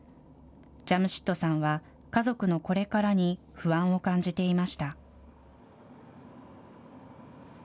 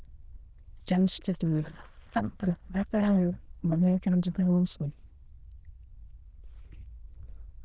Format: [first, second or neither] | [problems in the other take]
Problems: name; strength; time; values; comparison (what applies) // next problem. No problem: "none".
first | noise reduction (neural diffusion model UNIVERSE++)